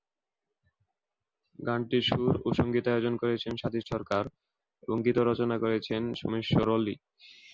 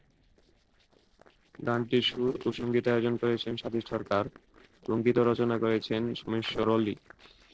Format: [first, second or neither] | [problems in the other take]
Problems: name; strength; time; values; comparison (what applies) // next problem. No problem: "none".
first | noise reduction (neural separator model SepFormer DNS4)